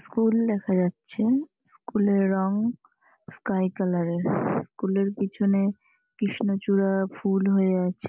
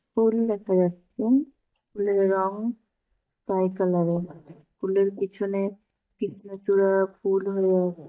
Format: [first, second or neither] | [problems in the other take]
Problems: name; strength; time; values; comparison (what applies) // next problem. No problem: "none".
first | noise reduction (neural mask model DeepFilterNet 3)